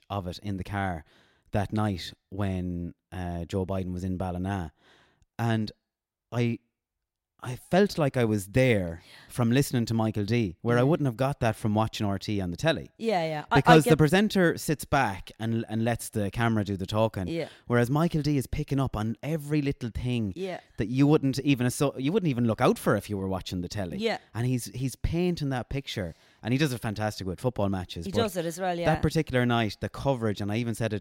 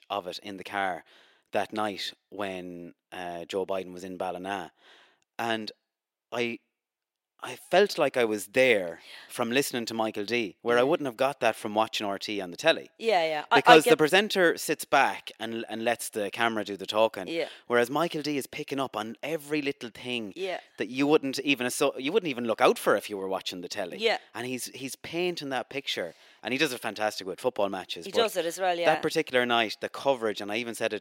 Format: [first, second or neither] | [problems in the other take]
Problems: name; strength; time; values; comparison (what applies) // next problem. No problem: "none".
first | thin; somewhat; fading below 450 Hz